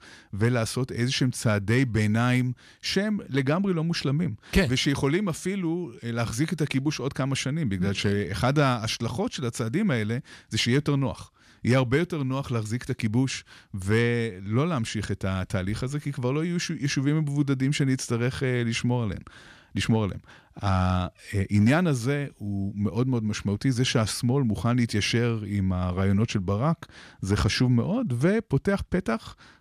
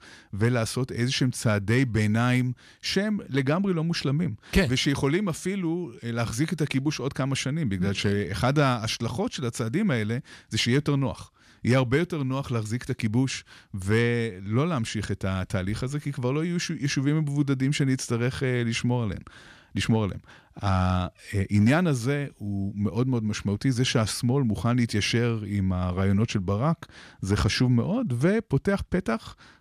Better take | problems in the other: neither | none

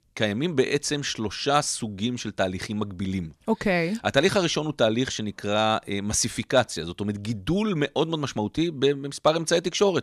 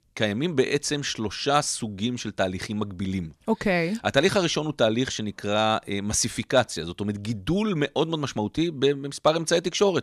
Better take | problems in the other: neither | none

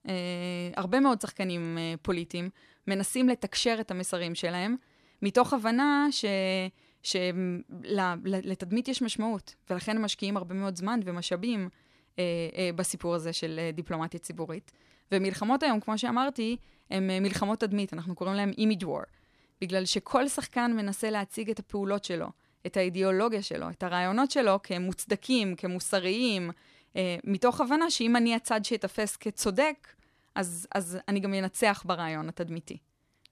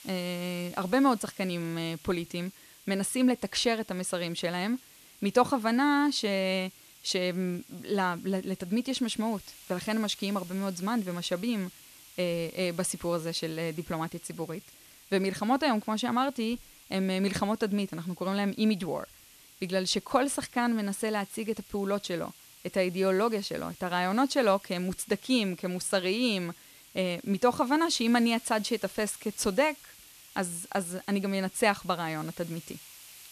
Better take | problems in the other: first | hiss; faint; throughout; 20 dB below the speech

